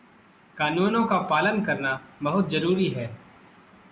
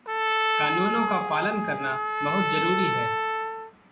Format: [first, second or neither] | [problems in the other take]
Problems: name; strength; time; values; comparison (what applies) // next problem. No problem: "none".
first | background sound (Trumpet); 3 dB above the speech